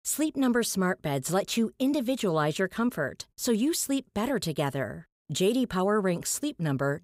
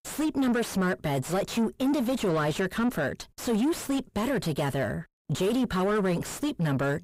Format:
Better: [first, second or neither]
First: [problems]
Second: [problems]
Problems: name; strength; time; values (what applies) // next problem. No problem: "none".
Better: first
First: none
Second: distortion; heavy; 6 dB below the speech